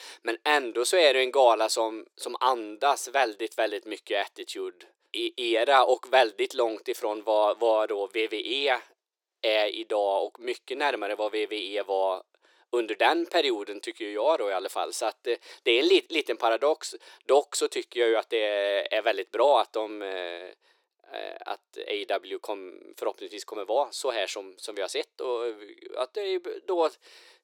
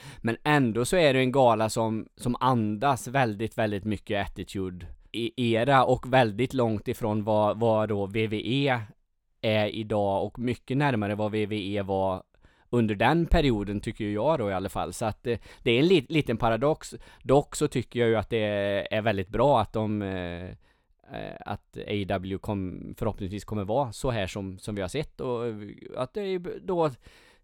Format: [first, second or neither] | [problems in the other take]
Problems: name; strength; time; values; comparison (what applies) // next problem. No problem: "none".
second | thin; very; fading below 350 Hz